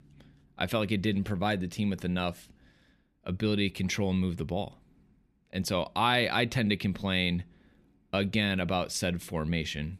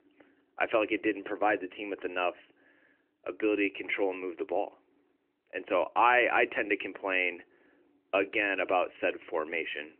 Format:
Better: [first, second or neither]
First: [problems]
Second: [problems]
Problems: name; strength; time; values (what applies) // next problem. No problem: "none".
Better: first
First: none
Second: phone-call audio; nothing above 3 kHz